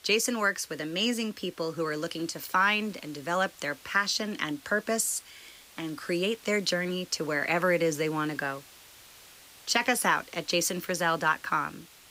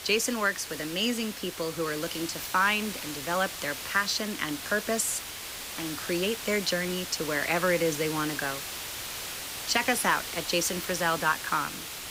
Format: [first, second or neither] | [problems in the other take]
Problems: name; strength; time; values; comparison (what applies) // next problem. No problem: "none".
first | hiss; loud; throughout; 7 dB below the speech; faint in the first